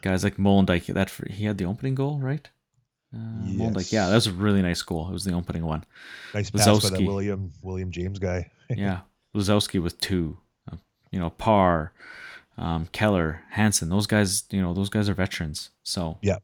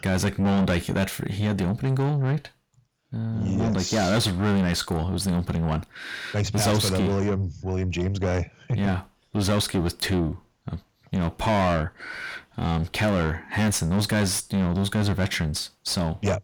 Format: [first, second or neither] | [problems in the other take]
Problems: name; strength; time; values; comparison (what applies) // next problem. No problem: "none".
first | distortion; heavy; 6 dB below the speech